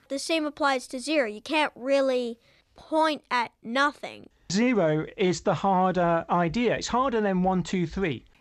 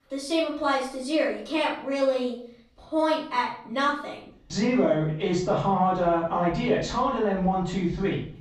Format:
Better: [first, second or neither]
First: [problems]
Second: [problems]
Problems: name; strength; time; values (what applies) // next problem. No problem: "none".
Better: first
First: none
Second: room echo; noticeable; dies away in 0.5 s // off-mic speech; far